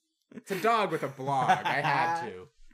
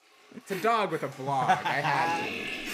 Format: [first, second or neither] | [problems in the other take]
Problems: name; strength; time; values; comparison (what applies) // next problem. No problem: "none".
first | household noises; loud; throughout; 8 dB below the speech